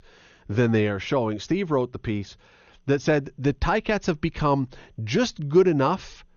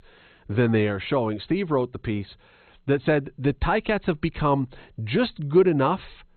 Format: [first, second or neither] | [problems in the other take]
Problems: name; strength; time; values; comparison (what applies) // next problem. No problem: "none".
first | garbled, watery; badly; nothing above 4 kHz; slightly in the first